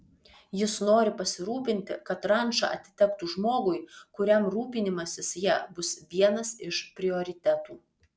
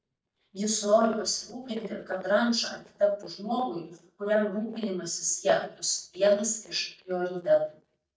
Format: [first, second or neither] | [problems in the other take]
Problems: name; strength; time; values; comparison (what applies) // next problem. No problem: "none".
first | noise reduction (neural mask model DeepFilterNet 3)